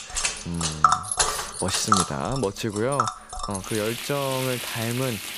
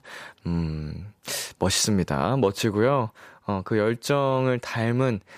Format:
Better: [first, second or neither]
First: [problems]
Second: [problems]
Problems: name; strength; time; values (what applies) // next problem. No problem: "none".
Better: second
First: household noises; very loud; throughout; 3 dB above the speech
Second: none